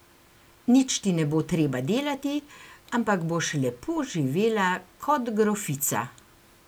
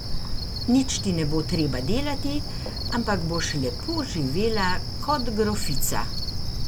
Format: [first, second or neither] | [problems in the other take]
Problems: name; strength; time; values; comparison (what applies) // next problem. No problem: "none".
first | background sound (Cricket); as loud as the speech